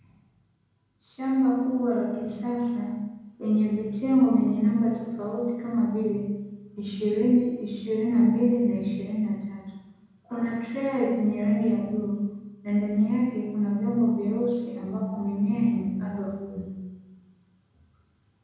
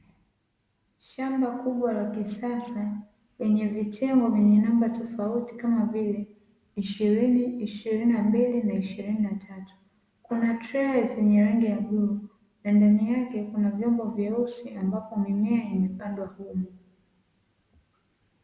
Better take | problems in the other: second | room echo; dies away in 0.9 s

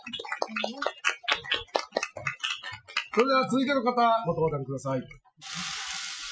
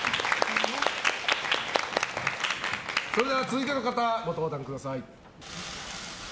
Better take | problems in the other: second | noise reduction (classical method Wiener filter)

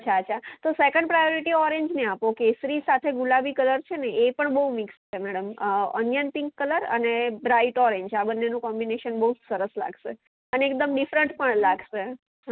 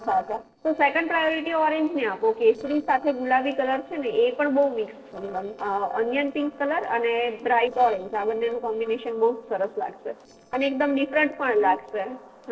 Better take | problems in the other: first | noise reduction (neural separator model SepFormer DNS4)

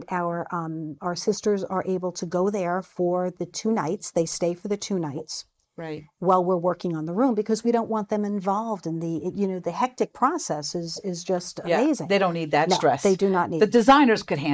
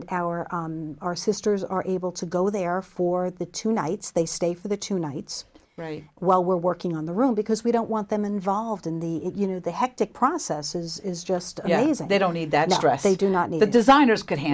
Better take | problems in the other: second | noise reduction (neural mask model Resemble Enhance denoiser)

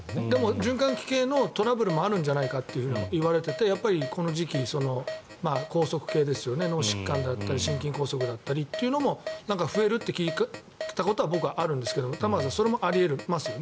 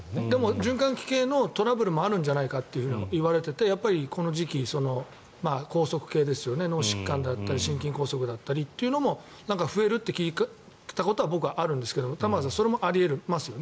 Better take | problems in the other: second | background sound (Keyboard (musical)); 12 dB below the speech

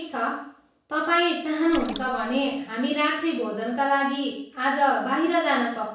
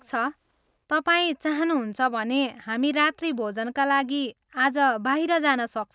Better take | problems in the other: second | background sound (Splash, splatter); 15 dB below the speech // room echo; dies away in 0.7 s

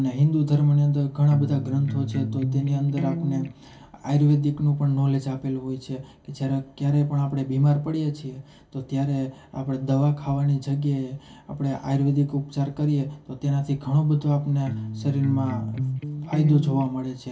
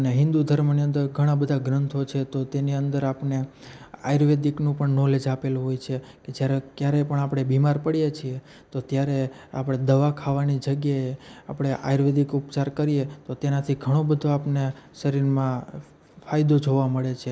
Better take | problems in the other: second | background sound (Electric guitar); 6 dB below the speech // room echo; dies away in 0.2 s

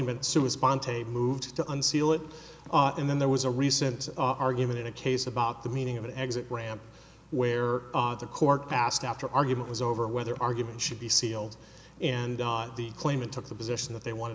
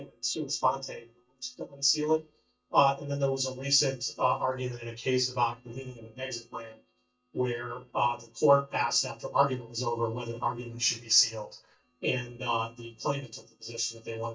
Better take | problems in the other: first | noise reduction (neural mask model DeepFilterNet 3)

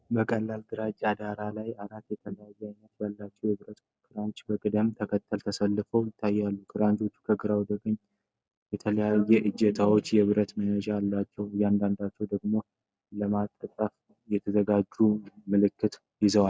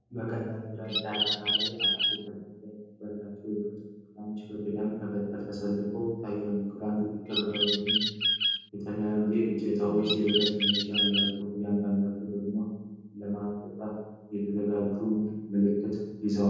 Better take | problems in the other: first | background sound (Bird); 2 dB above the speech // room echo; dies away in 1.3 s

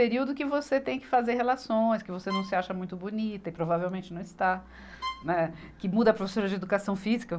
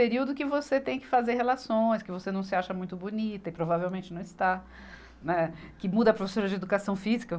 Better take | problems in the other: second | background sound (Bowed string instrument); 14 dB below the speech

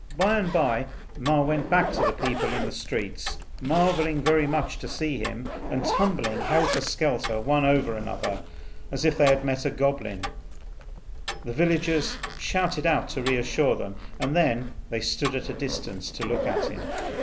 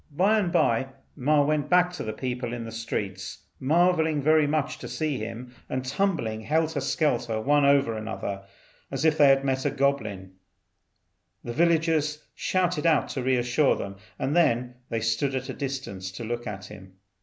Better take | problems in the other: second | background sound (Tick-tock + Zipper (clothing)); 5 dB below the speech

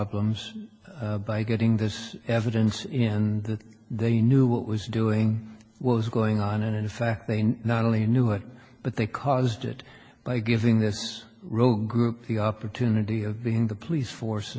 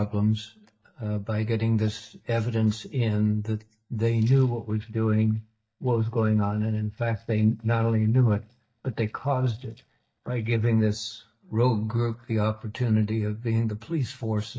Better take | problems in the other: first | noise reduction (neural mask model DeepFilterNet 3)

